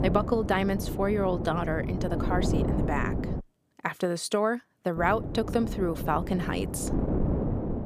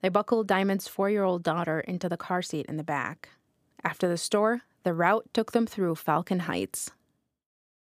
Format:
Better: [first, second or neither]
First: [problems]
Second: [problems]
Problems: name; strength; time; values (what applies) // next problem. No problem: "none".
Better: second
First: wind noise on the microphone; heavy; until 3.5 s and from 5 s on; 8 dB below the speech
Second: none